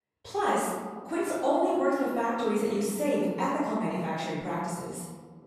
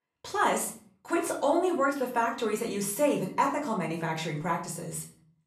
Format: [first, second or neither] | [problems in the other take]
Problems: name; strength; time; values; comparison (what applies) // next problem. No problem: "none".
second | room echo; strong; dies away in 1.5 s; slight in the second // off-mic speech; far; far in the second